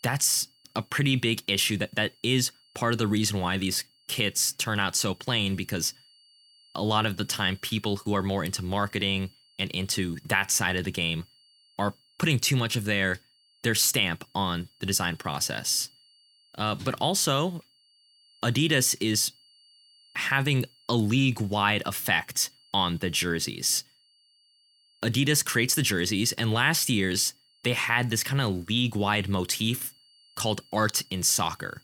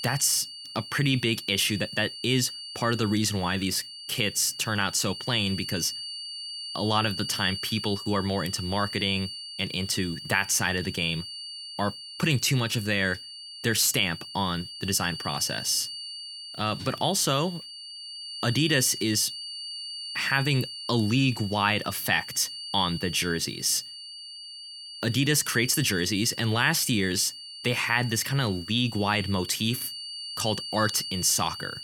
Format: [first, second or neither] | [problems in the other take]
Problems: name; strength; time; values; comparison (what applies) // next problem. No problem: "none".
first | high-pitched whine; loud; throughout; 4.5 kHz, 10 dB below the speech; faint in the first